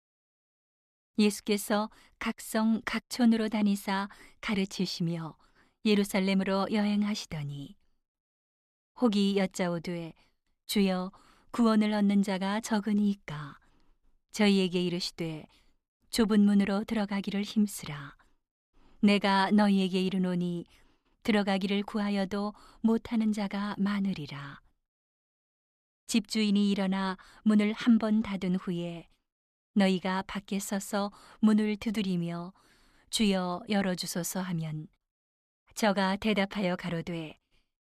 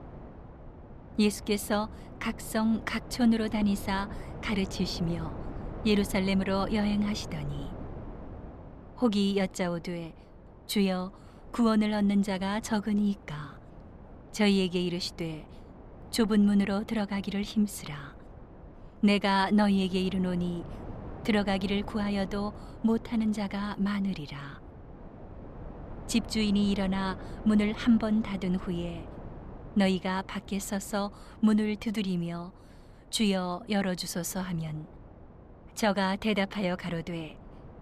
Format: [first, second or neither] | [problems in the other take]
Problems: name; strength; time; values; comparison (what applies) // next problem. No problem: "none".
first | wind noise on the microphone; occasional gusts; 15 dB below the speech